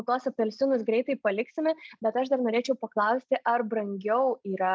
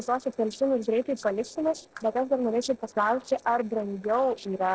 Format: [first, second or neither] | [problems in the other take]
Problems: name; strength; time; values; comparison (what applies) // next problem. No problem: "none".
first | noise reduction (neural separator model SepFormer DNS4)